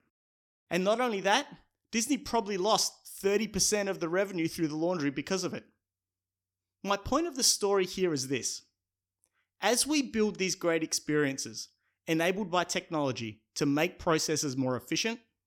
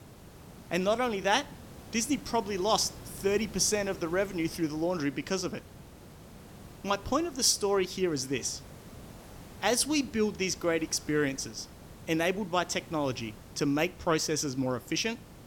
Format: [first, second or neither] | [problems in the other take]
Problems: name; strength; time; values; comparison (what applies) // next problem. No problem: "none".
first | hiss; noticeable; throughout; 20 dB below the speech